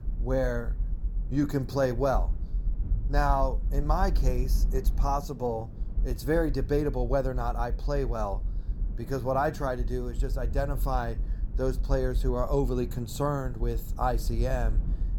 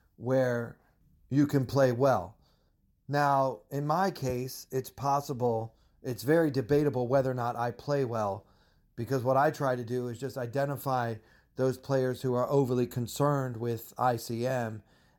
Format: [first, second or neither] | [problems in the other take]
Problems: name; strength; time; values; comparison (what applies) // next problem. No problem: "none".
second | low rumble; faint; throughout; 20 dB below the speech